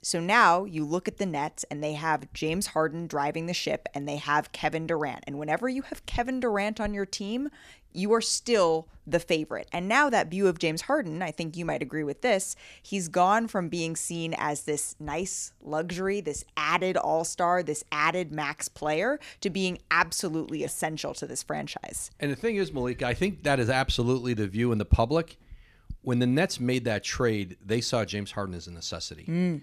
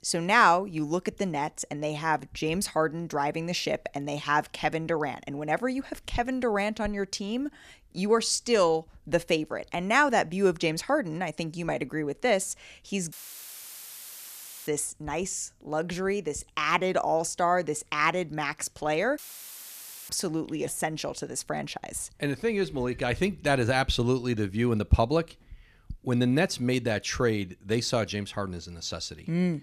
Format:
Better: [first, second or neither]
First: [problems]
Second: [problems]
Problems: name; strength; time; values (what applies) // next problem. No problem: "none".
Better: first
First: none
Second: audio cutting out; filled with static; at 13 s for 1.5 s and at 19 s for 1 s